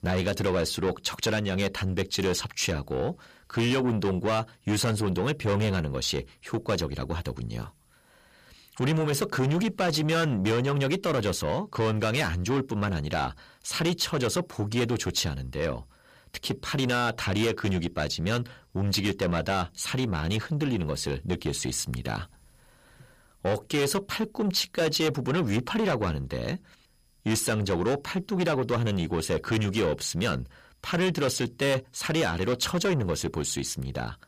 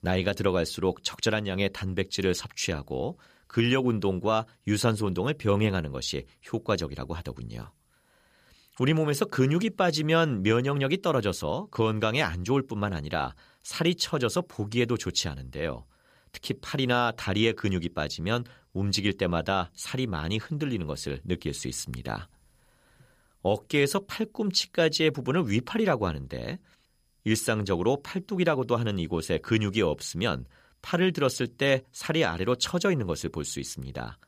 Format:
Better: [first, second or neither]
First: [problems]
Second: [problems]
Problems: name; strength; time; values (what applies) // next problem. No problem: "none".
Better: second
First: distortion; heavy; 8 dB below the speech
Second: none